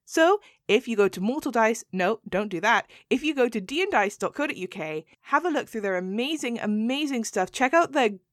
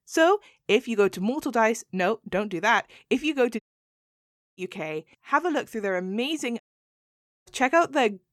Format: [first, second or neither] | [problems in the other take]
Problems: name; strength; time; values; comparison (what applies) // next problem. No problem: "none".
first | audio cutting out; at 3.5 s for 1 s and at 6.5 s for 1 s